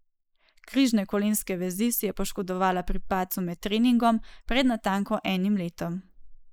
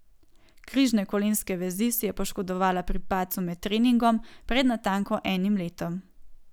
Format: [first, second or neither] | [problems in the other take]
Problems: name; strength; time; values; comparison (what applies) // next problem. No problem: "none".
second | noise reduction (neural mask model Resemble Enhance denoiser)